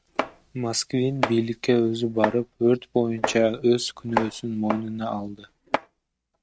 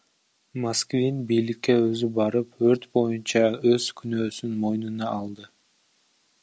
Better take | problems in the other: second | noise reduction (neural mask model RNNoise)

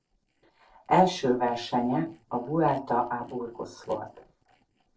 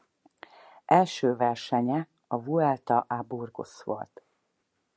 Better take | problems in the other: second | noise reduction (neural separator model SepFormer DNS4)

